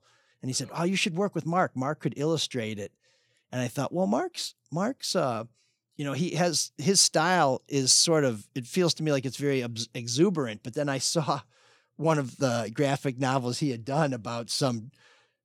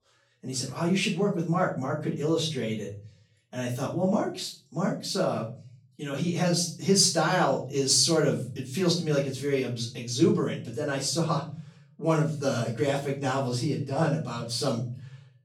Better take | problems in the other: first | room echo; slight; dies away in 0.5 s // off-mic speech; far

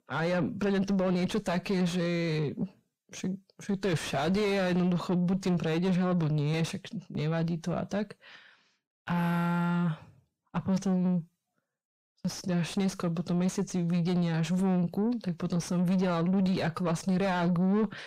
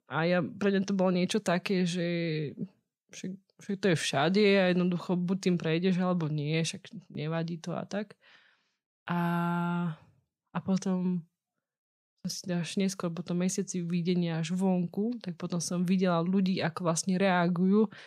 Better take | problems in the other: second | distortion; heavy; 8 dB below the speech

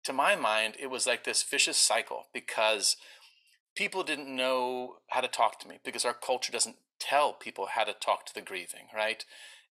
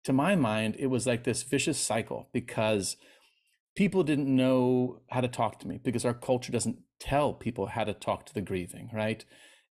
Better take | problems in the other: second | thin; very; fading below 900 Hz

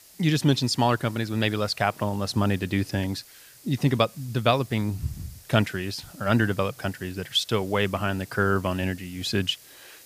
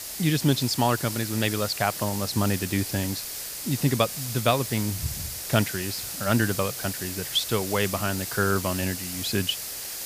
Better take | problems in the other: first | hiss; loud; throughout; 5 dB below the speech; faint in the first

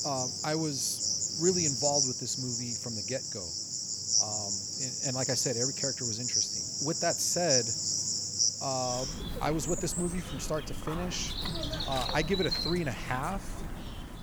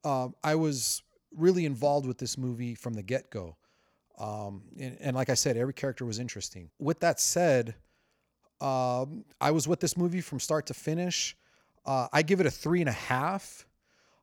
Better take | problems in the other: second | animal sounds; very loud; throughout; 3 dB above the speech

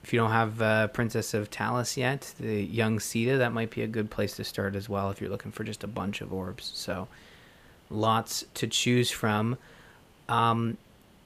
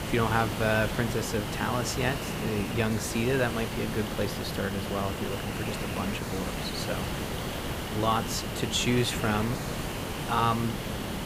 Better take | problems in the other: first | hiss; loud; throughout; 3 dB below the speech; faint in the first

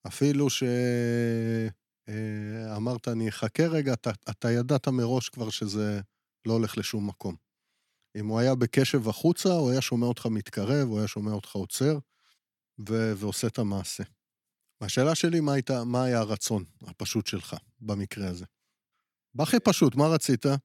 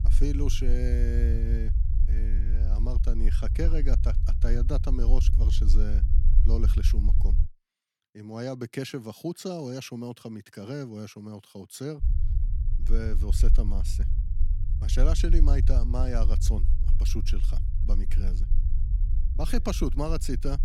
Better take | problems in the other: first | low rumble; loud; until 7.5 s and from 12 s on; 10 dB below the speech

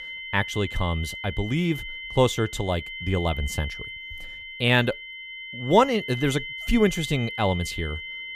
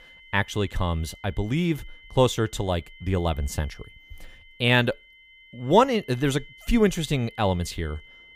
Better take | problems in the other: second | high-pitched whine; loud; throughout; 2 kHz, 9 dB below the speech; faint in the second

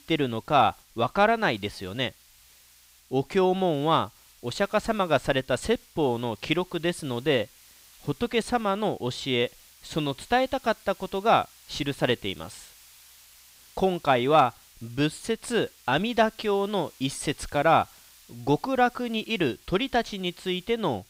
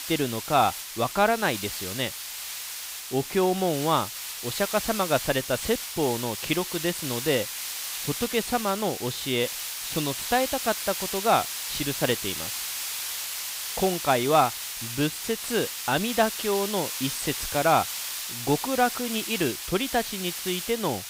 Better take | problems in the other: first | hiss; loud; throughout; 4 dB below the speech; faint in the first

